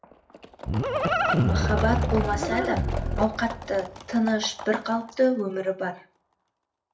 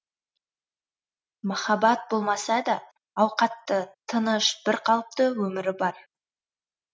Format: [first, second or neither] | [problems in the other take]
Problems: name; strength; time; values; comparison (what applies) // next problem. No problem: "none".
second | background sound (Livestock, farm animals, working animals); as loud as the speech // room echo; dies away in 0.3 s